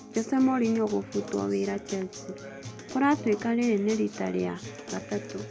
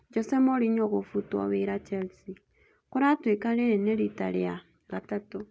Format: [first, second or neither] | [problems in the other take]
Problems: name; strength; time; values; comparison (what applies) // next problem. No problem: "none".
second | background sound (Acoustic guitar); 13 dB below the speech